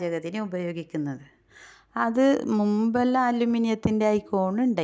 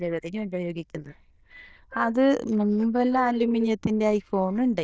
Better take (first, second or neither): first